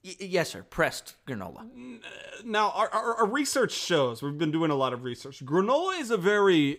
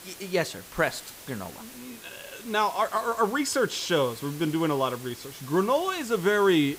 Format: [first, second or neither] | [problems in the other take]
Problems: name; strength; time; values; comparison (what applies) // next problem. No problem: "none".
first | hiss; noticeable; throughout; 15 dB below the speech